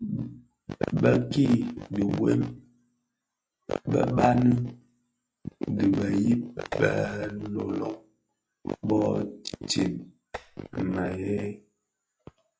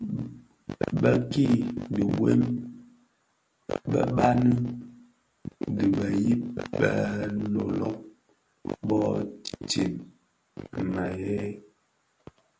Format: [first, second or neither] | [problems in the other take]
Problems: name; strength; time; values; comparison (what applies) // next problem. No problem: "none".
second | noise reduction (classical method log-MMSE)